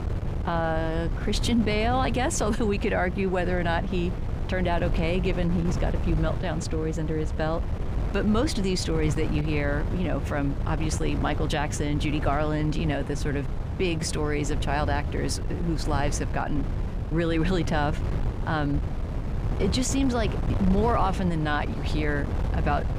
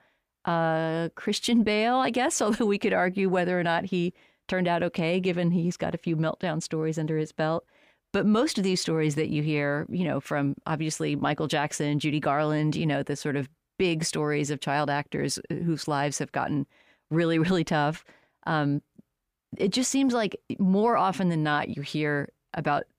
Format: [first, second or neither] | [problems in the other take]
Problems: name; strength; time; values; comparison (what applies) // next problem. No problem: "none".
second | wind noise on the microphone; occasional gusts; 10 dB below the speech